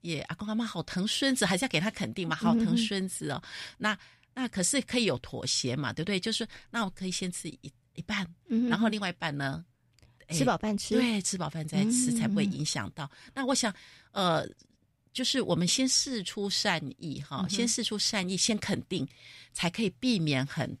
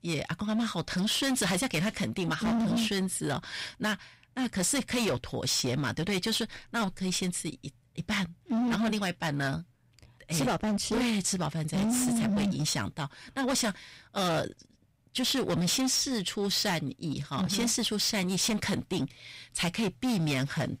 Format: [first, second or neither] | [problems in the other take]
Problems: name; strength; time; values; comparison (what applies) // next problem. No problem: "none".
first | distortion; heavy; 19% of the sound clipped